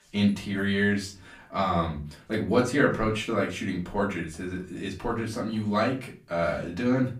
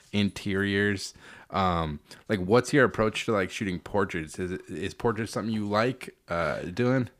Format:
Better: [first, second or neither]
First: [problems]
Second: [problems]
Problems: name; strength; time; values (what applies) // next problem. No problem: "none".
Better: second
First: off-mic speech; far // room echo; very slight; dies away in 0.3 s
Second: none